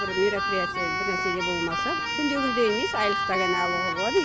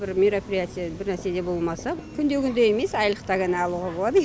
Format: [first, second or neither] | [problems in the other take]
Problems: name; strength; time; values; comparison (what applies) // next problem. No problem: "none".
second | background sound (Keyboard (musical)); as loud as the speech